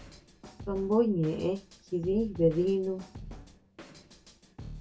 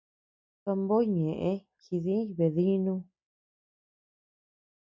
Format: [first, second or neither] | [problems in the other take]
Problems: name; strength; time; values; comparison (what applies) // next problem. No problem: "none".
second | background sound (Drum kit); 16 dB below the speech // room echo; dies away in 0.2 s